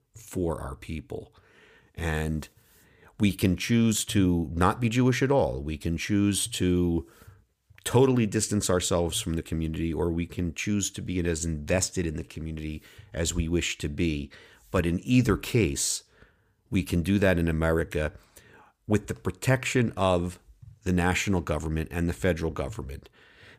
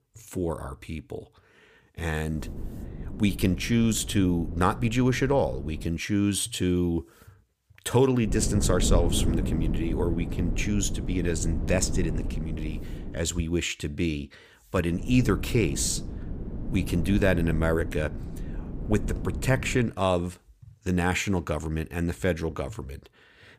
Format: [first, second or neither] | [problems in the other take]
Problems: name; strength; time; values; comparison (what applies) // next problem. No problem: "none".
first | wind noise on the microphone; occasional gusts; from 2.5 to 6 s, from 8.5 to 13 s and from 15 to 20 s; 15 dB below the speech